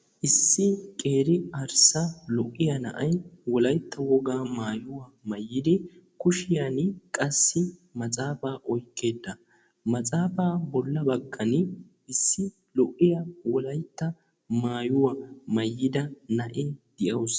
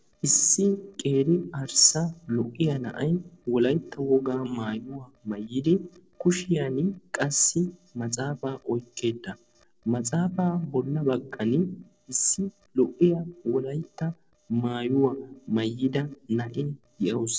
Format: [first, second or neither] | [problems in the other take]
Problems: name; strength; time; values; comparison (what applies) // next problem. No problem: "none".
first | noise reduction (neural separator model SepFormer DNS4)